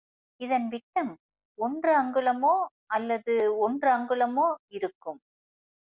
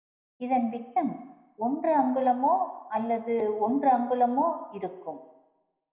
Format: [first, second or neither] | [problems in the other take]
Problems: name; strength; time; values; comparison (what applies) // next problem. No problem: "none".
first | room echo; dies away in 0.8 s